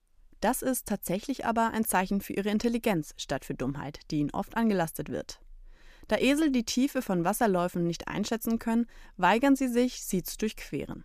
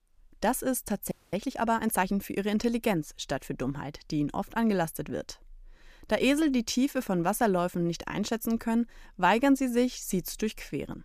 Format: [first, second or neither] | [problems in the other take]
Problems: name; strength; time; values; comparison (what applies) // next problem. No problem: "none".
first | audio freezing; at 1 s